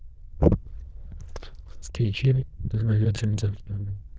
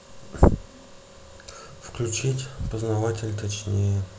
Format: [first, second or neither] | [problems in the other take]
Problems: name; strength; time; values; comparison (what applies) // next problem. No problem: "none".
second | noise reduction (neural diffusion model UNIVERSE++)